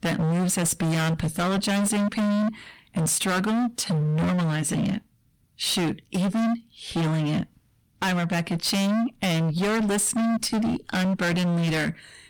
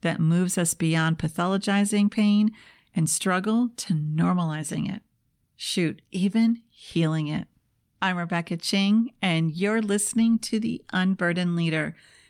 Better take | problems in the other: second | distortion; heavy; 38% of the sound clipped

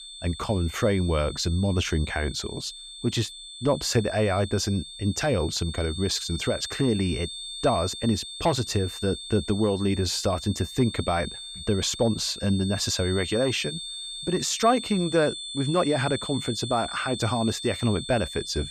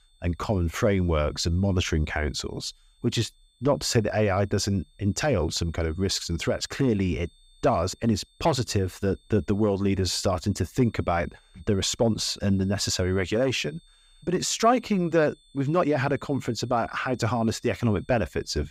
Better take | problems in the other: second | high-pitched whine; loud; throughout; 3.5 kHz, 9 dB below the speech; faint in the second

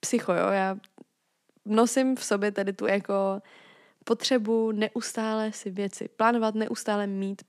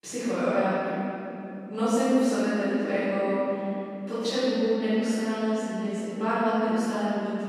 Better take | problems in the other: first | off-mic speech; far // room echo; strong; dies away in 3 s

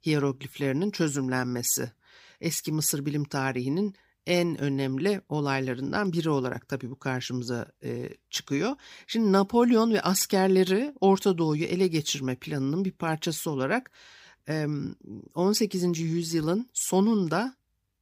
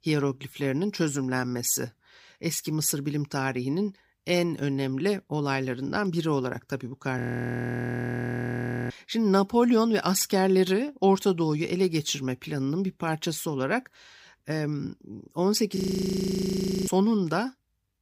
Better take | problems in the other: first | audio freezing; at 7 s for 1.5 s and at 16 s for 1 s

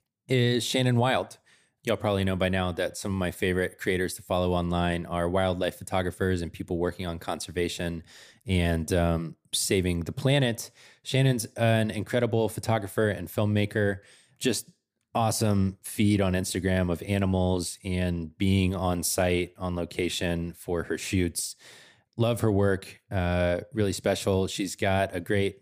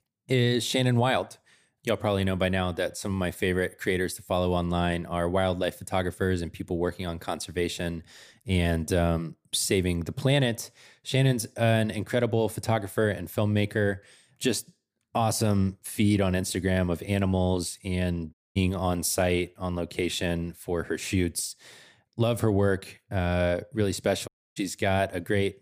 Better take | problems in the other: first | audio cutting out; at 18 s and at 24 s

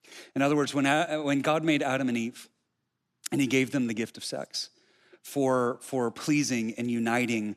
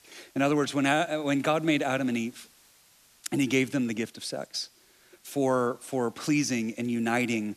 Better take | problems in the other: first | hiss; faint; throughout; 30 dB below the speech

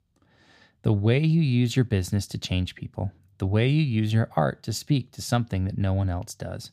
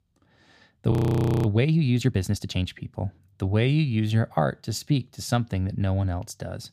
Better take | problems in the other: first | audio freezing; at 1 s for 0.5 s

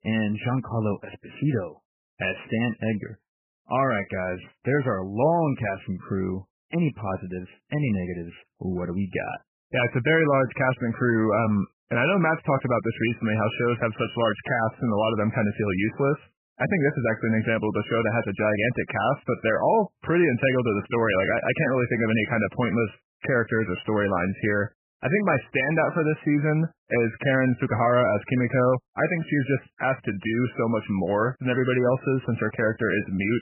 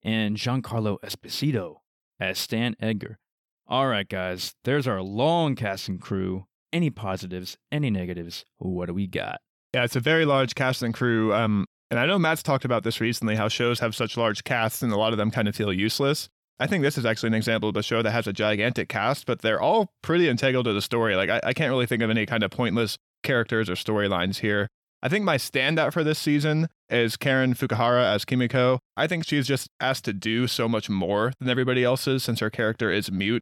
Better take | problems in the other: second | garbled, watery; badly; nothing above 3 kHz

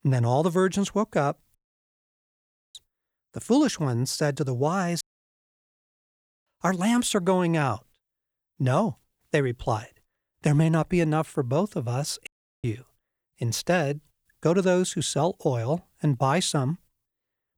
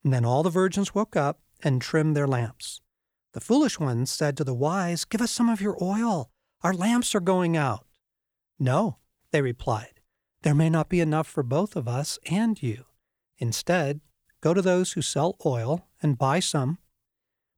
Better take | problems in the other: second | audio cutting out; at 1.5 s for 1 s, at 5 s for 1.5 s and at 12 s

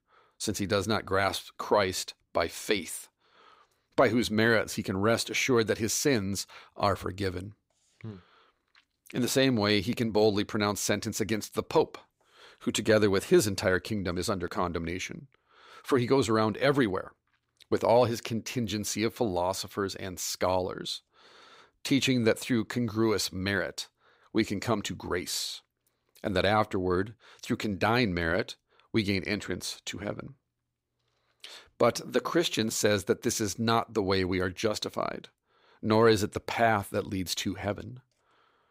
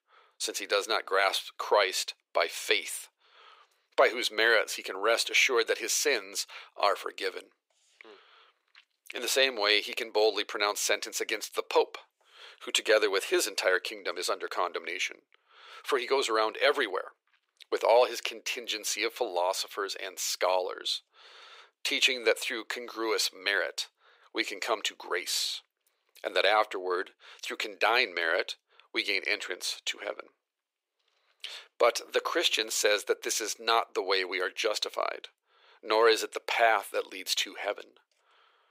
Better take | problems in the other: first | thin; very; fading below 400 Hz

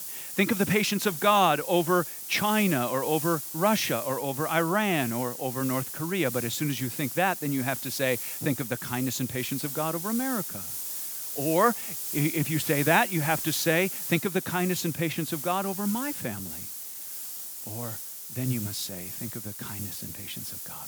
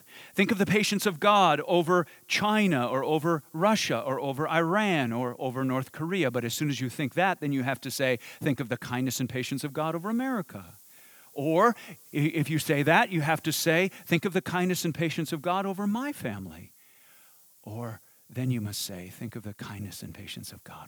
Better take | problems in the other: second | hiss; loud; throughout; 6 dB below the speech; faint in the second

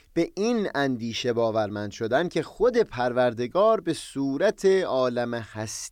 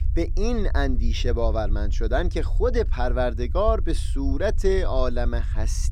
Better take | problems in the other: first | low rumble; faint; throughout; 20 dB below the speech

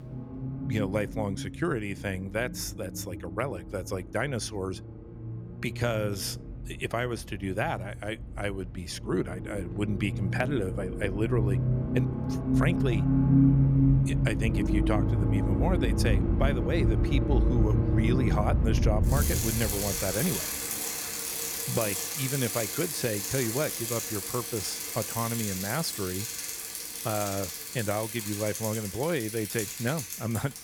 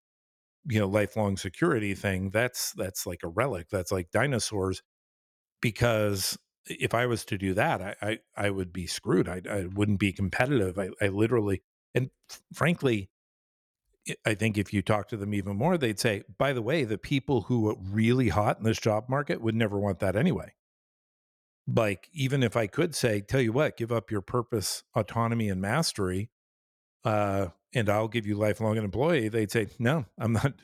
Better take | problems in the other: second | traffic noise; very loud; throughout; 3 dB above the speech

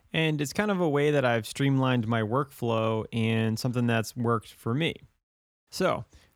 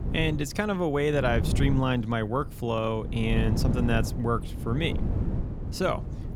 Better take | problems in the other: first | wind noise on the microphone; occasional gusts; 10 dB below the speech

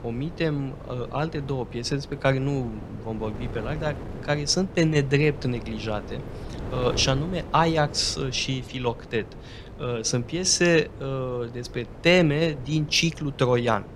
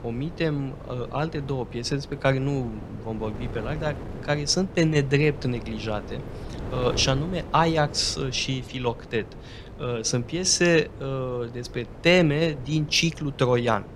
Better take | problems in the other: neither | wind noise on the microphone; occasional gusts; 15 dB below the speech; the same in both

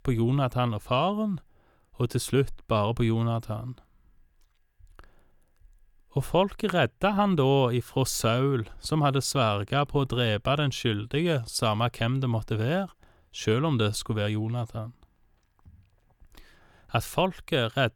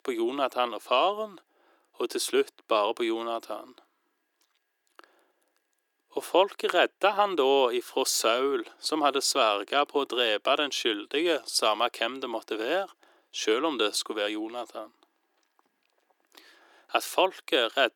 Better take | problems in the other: first | thin; very; fading below 300 Hz

